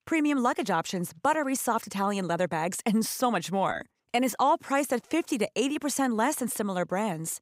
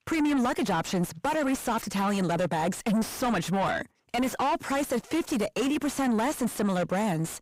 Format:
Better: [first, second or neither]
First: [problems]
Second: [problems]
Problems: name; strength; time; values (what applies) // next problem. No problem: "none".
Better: first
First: none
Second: distortion; heavy; 6 dB below the speech